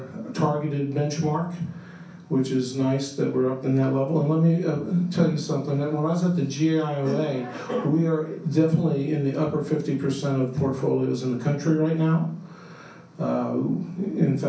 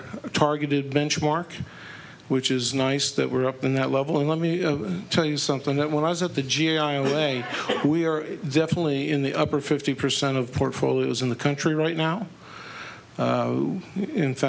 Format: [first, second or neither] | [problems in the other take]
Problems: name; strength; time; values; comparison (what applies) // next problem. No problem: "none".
second | room echo; dies away in 0.6 s